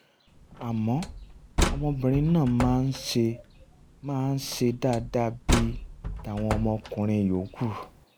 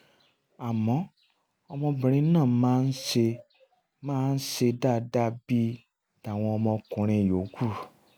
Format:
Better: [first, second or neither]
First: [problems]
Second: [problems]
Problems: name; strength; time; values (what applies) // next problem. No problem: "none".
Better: second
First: background sound (Slam); 6 dB below the speech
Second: none